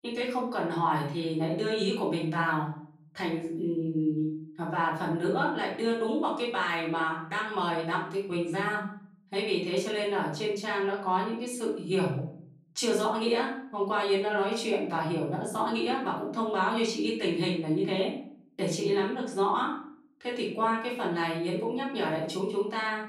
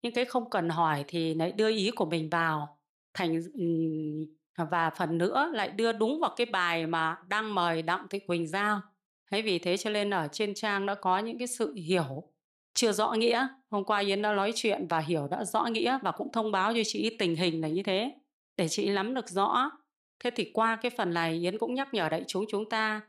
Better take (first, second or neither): second